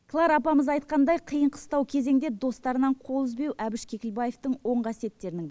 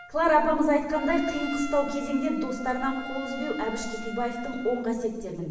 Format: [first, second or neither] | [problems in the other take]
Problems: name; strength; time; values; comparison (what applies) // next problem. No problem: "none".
first | background sound (Trumpet); 14 dB below the speech // room echo; dies away in 1 s